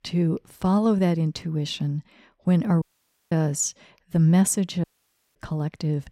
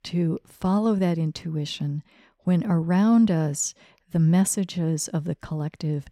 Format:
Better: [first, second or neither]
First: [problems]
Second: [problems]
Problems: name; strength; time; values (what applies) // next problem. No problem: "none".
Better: second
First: audio cutting out; at 3 s and at 5 s for 0.5 s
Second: none